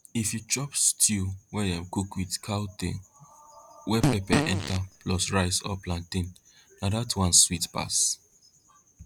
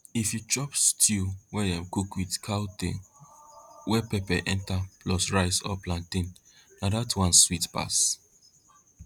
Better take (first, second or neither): second